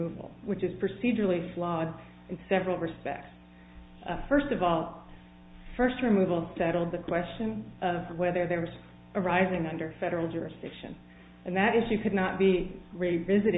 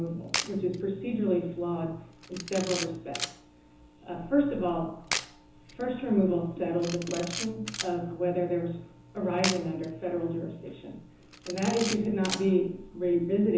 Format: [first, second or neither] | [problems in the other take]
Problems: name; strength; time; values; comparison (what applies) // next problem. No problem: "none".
first | background sound (Camera); 10 dB below the speech // room echo; dies away in 0.7 s